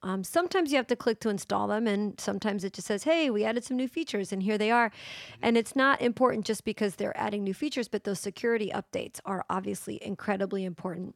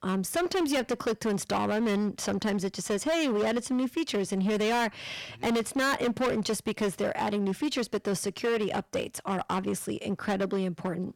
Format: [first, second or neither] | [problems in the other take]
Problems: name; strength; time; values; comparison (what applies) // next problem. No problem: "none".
first | distortion; heavy; 18% of the sound clipped